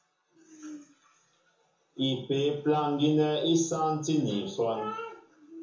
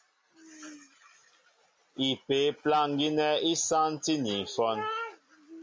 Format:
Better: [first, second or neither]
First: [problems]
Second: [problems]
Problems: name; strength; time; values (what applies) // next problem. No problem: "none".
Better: second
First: room echo; dies away in 0.6 s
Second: none